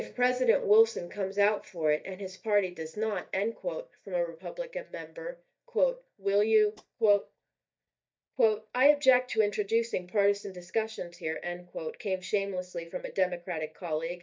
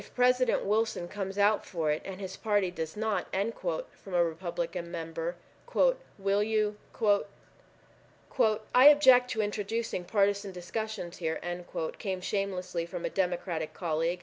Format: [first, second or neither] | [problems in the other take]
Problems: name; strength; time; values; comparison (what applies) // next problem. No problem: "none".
second | noise reduction (neural mask model DeepFilterNet 3)